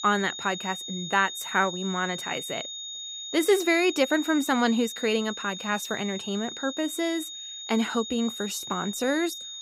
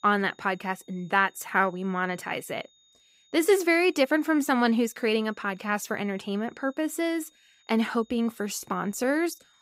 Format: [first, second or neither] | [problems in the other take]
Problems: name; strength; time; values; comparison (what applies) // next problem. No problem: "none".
second | high-pitched whine; loud; throughout; 3.5 kHz, 8 dB below the speech; faint in the second